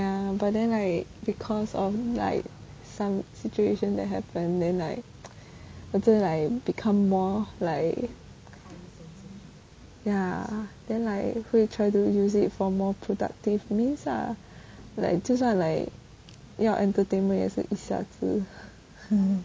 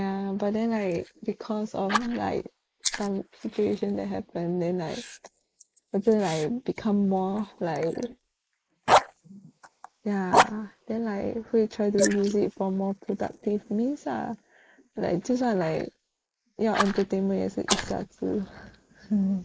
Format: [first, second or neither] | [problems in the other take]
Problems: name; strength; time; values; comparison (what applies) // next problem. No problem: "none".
first | noise reduction (neural mask model Resemble Enhance denoiser)